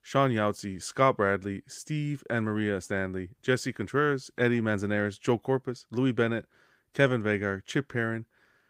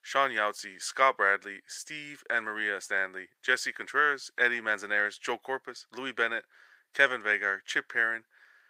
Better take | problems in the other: first | thin; very; fading below 700 Hz

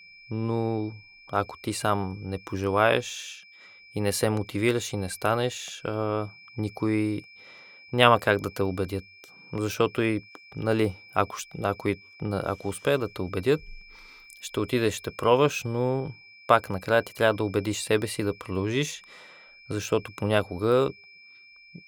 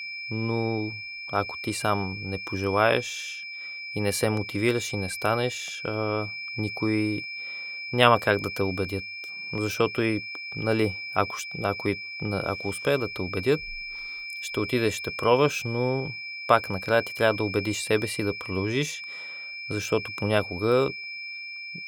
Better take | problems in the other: first | high-pitched whine; loud; throughout; 2.5 kHz, 7 dB below the speech; faint in the first

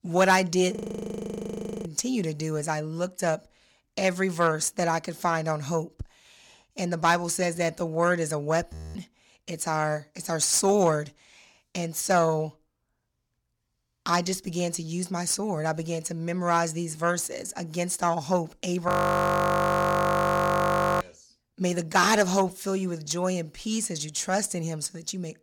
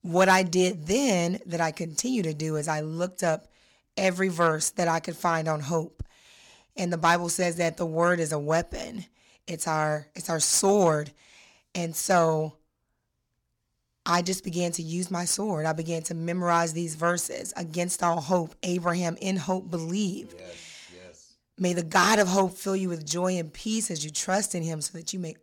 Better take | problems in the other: second | audio freezing; at 1 s for 1 s, at 8.5 s and at 19 s for 2 s

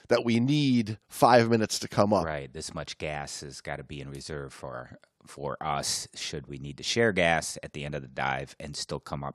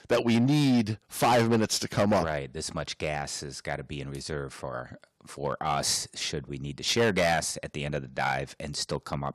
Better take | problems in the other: first | distortion; heavy; 6% of the sound clipped

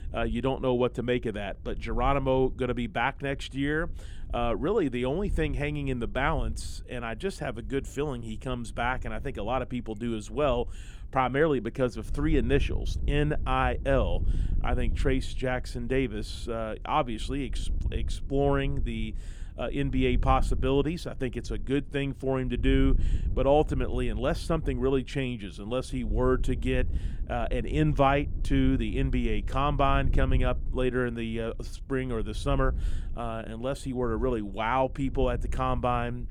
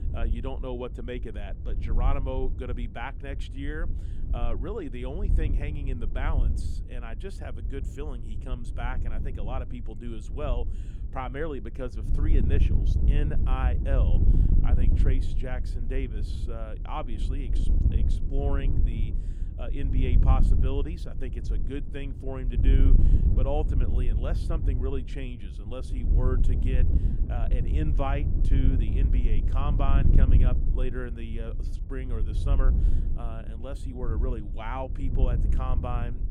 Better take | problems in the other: first | wind noise on the microphone; heavy; 6 dB below the speech; occasional gusts in the first

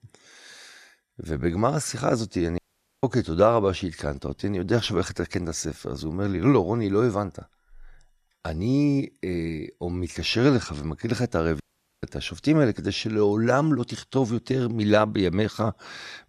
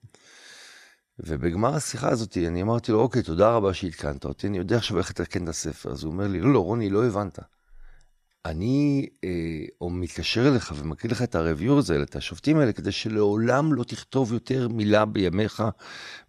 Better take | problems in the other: second | audio cutting out; at 2.5 s and at 12 s

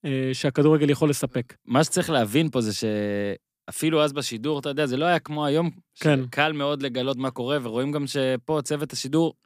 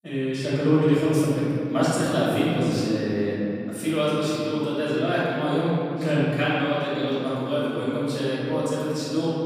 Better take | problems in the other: first | off-mic speech; far // room echo; strong; dies away in 3 s

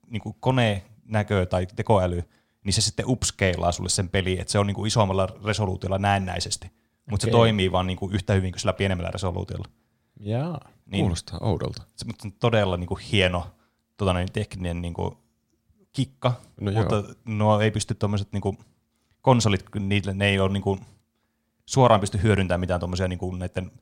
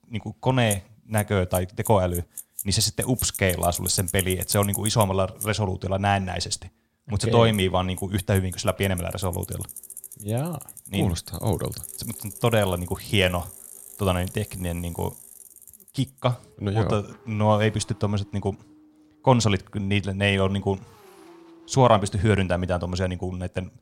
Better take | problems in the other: first | traffic noise; noticeable; throughout; 10 dB below the speech

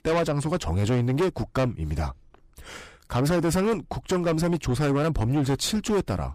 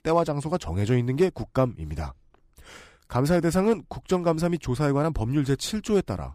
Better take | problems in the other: second | distortion; heavy; 7 dB below the speech

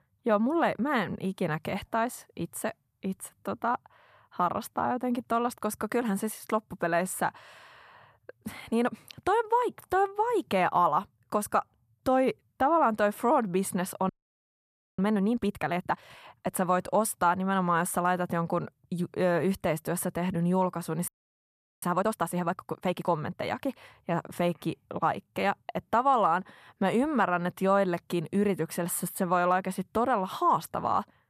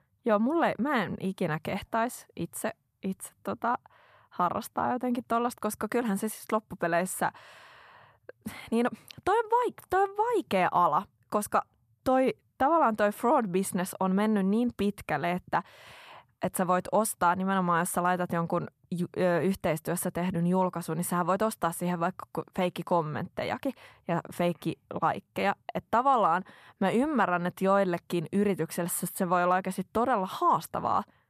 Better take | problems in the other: second | audio freezing; at 14 s for 1 s and at 21 s for 0.5 s

